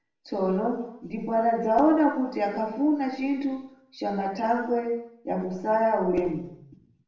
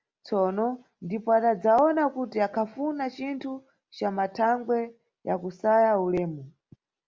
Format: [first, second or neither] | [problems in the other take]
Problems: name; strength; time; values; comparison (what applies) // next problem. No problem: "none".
second | room echo; dies away in 0.7 s